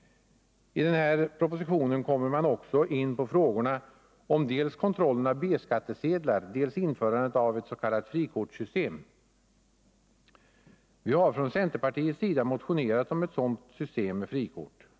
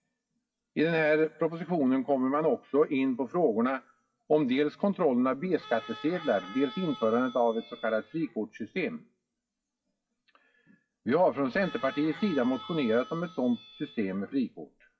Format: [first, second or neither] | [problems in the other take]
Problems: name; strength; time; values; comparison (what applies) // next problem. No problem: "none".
first | noise reduction (classical method WPE with log-MMSE)